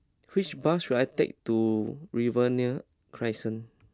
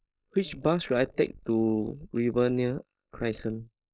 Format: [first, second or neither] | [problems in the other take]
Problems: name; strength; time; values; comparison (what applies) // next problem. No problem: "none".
first | noise reduction (neural mask model Resemble Enhance denoiser)